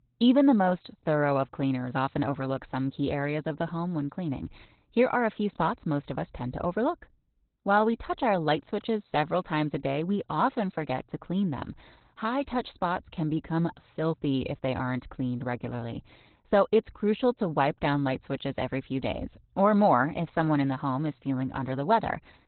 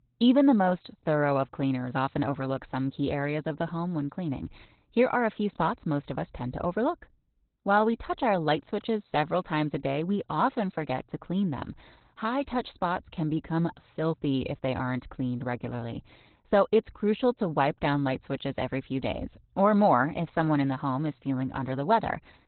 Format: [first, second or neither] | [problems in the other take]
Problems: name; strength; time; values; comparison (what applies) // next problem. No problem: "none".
neither | garbled, watery; badly; nothing above 4 kHz; the same in both